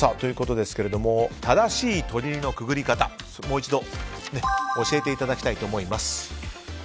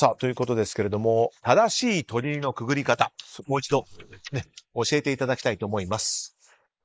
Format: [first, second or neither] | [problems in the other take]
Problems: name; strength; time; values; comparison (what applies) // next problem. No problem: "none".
first | noise reduction (neural mask model Resemble Enhance denoiser)